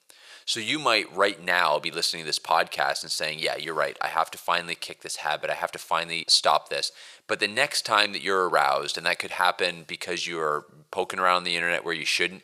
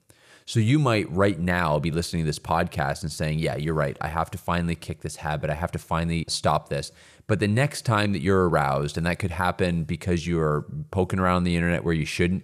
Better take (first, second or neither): second